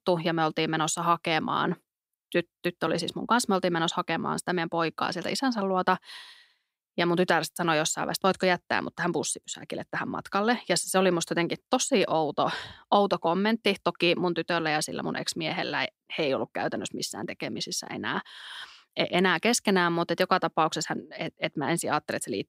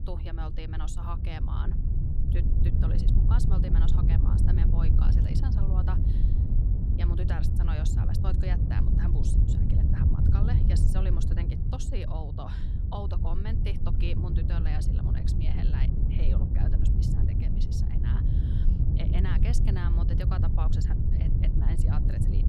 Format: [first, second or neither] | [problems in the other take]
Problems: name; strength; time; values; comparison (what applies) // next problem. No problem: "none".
first | wind noise on the microphone; heavy; 1 dB above the speech